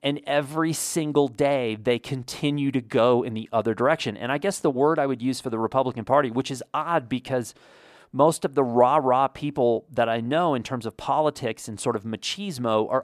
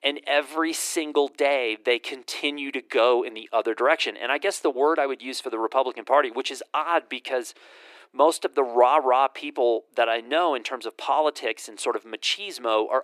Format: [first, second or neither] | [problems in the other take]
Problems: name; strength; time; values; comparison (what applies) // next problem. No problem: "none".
first | thin; somewhat; fading below 350 Hz